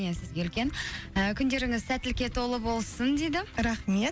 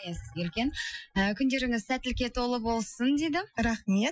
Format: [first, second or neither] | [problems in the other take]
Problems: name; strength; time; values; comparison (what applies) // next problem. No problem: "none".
first | noise reduction (classical method Wiener filter)